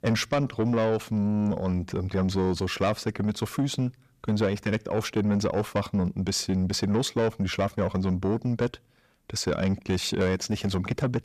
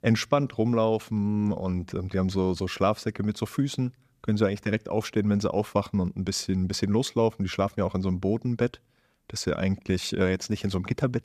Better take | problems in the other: second | distortion; slight; 10 dB below the speech

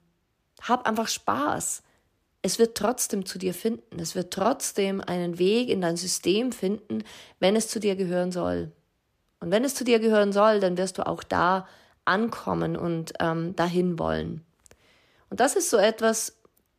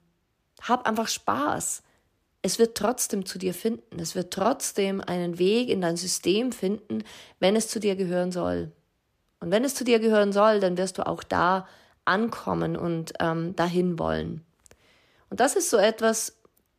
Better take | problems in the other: neither | none

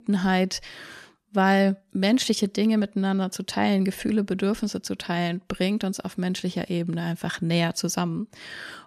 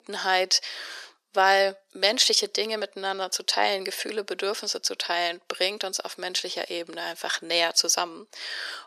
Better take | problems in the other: first | thin; very; fading below 450 Hz

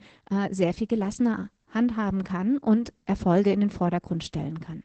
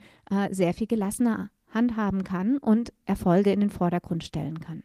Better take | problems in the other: second | garbled, watery; badly; nothing above 8 kHz; slightly in the second

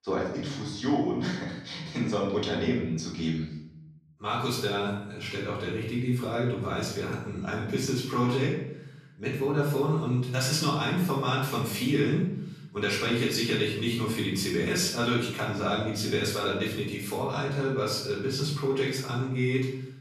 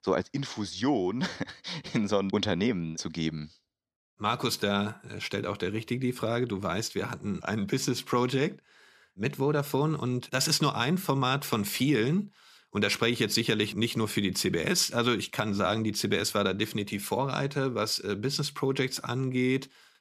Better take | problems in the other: second | off-mic speech; far // room echo; noticeable; dies away in 0.7 s

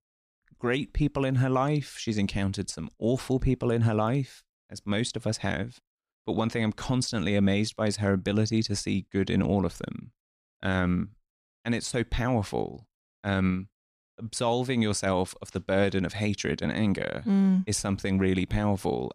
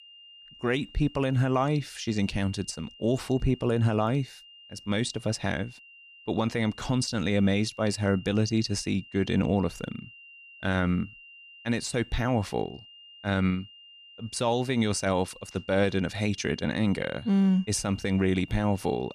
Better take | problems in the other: first | high-pitched whine; faint; throughout; 3 kHz, 20 dB below the speech

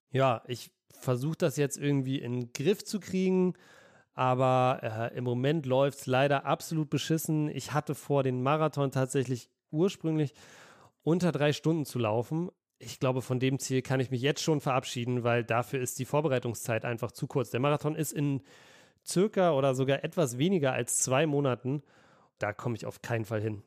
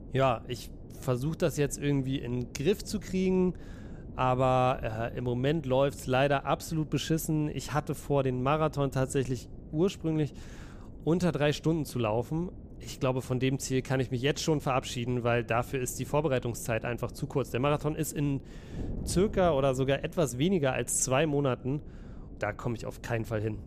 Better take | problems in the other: first | wind noise on the microphone; occasional gusts; 20 dB below the speech

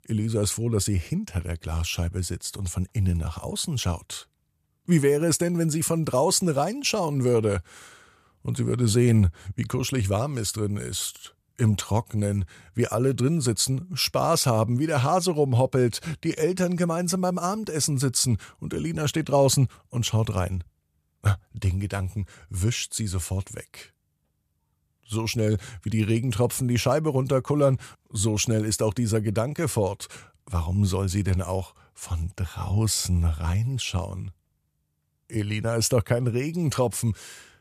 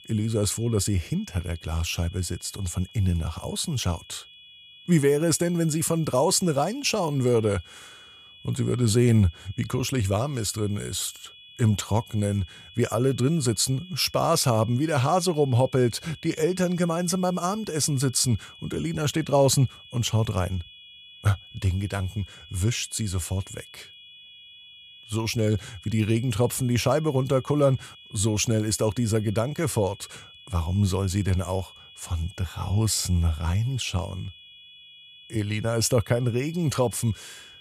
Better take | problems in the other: first | high-pitched whine; faint; throughout; 3.5 kHz, 20 dB below the speech

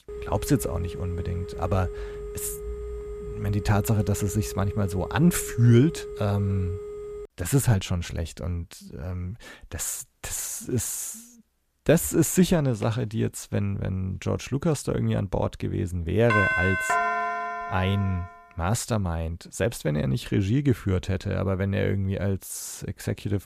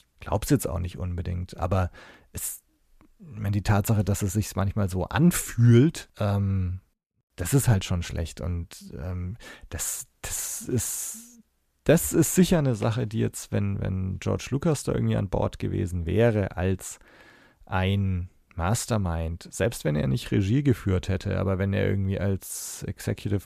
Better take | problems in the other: second | phone ringing; noticeable; until 7.5 s; peak 9 dB below the speech // doorbell; loud; from 16 to 18 s; peak 4 dB above the speech

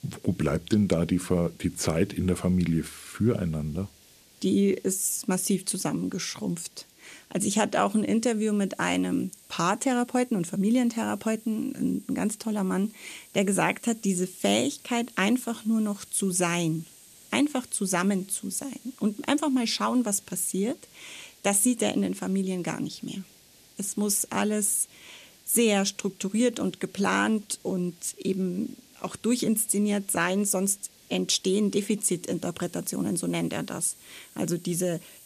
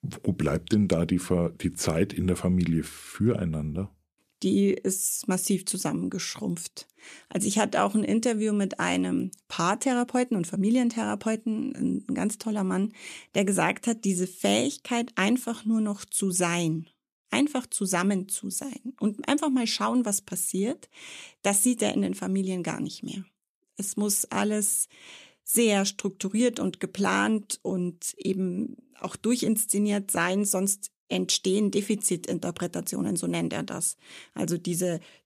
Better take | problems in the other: second | hiss; faint; throughout; 25 dB below the speech

